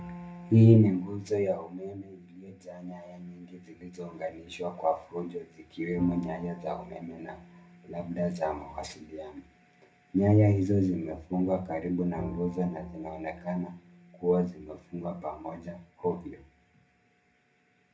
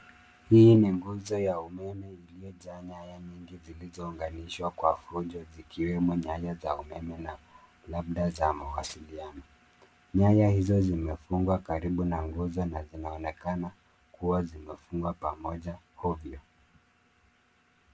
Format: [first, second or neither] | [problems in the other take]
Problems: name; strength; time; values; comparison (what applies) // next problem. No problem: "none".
second | background sound (Bowed string instrument); 18 dB below the speech // room echo; dies away in 0.3 s